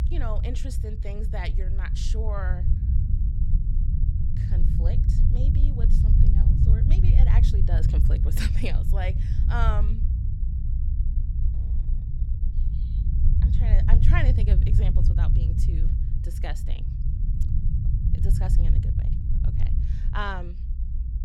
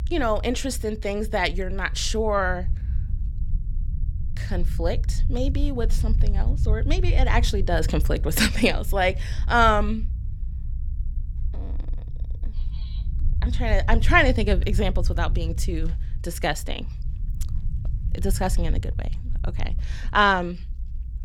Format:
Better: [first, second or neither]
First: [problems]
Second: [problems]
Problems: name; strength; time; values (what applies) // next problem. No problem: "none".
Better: second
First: low rumble; loud; throughout; 5 dB below the speech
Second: low rumble; faint; throughout; 25 dB below the speech